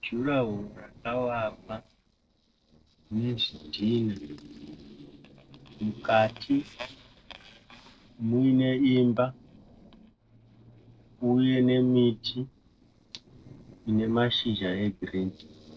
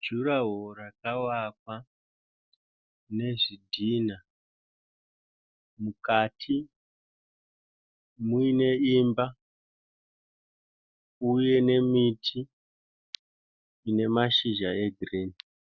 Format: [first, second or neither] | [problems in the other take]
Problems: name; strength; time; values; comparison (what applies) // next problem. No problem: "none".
second | noise reduction (neural separator model SepFormer DNS4)